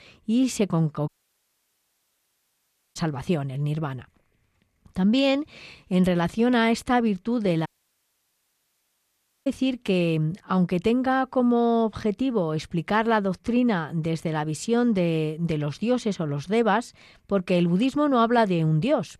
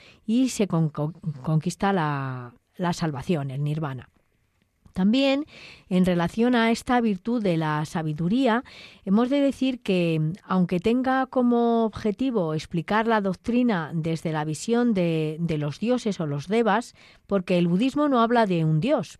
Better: second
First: audio cutting out; at 1 s for 2 s and at 7.5 s for 2 s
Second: none

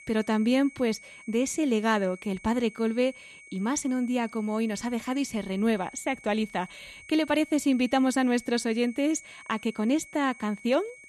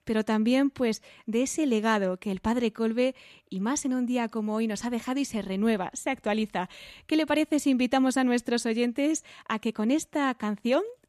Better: second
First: high-pitched whine; noticeable; throughout; 2 kHz, 20 dB below the speech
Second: none

